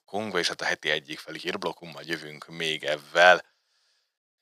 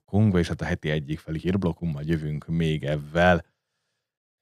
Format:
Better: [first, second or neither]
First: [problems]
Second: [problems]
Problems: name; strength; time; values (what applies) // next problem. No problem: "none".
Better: second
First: thin; very; fading below 650 Hz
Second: none